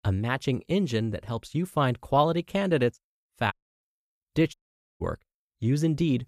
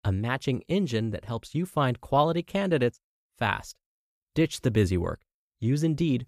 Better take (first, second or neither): second